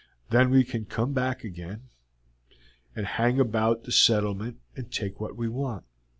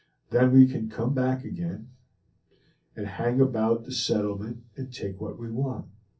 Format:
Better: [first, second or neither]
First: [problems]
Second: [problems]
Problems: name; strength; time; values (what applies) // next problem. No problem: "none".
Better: first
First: none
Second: room echo; dies away in 0.3 s